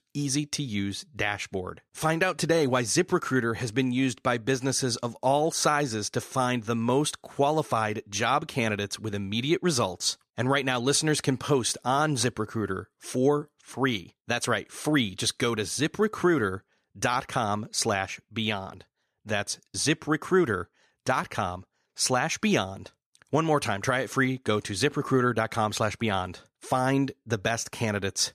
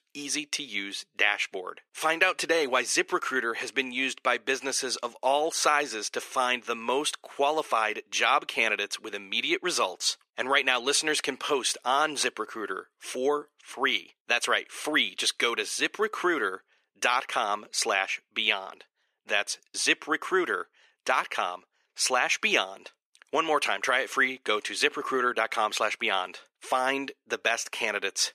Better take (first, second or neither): first